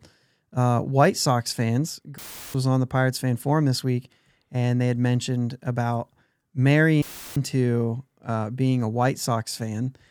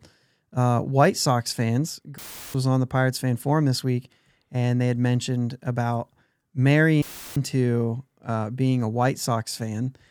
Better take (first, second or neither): neither